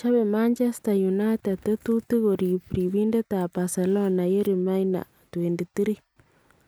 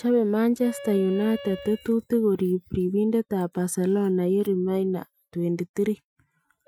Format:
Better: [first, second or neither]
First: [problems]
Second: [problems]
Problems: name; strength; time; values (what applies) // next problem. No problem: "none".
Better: first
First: none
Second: noise reduction (classical method Wiener filter)